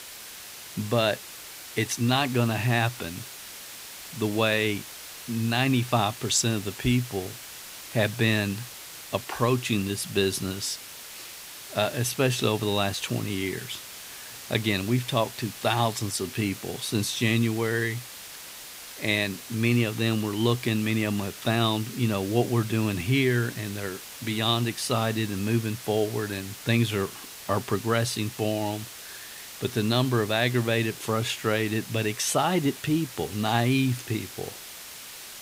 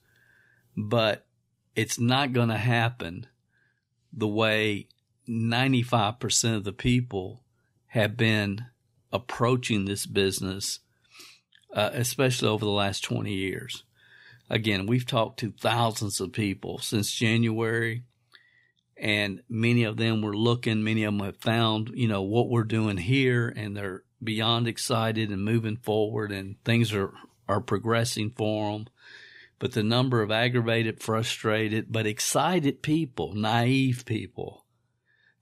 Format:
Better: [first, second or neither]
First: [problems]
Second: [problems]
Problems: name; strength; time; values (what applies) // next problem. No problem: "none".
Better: second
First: hiss; noticeable; throughout; 15 dB below the speech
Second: none